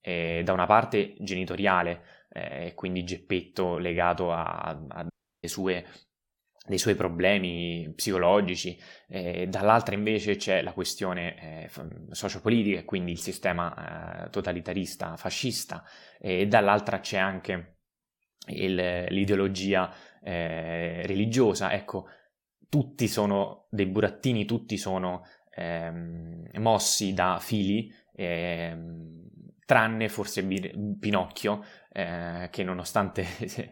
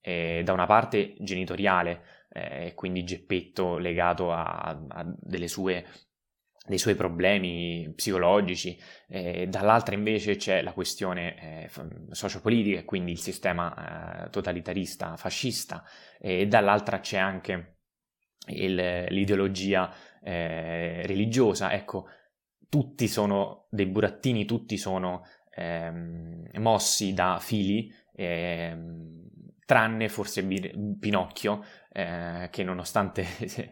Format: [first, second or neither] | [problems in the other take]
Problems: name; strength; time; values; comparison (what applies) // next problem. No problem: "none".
second | audio cutting out; at 5 s